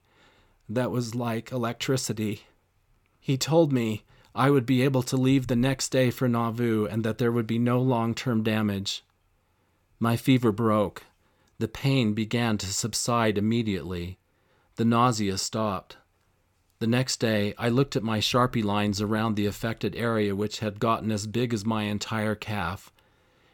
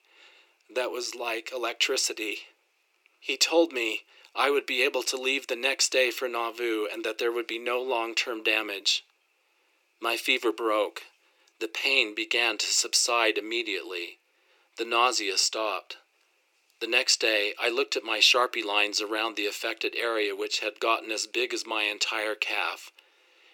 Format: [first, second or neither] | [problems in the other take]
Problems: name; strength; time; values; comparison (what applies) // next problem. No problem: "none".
first | thin; very; fading below 350 Hz